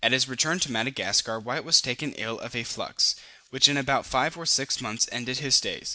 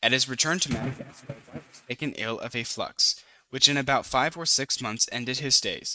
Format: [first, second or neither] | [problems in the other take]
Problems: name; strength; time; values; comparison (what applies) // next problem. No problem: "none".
first | noise reduction (neural mask model RNNoise)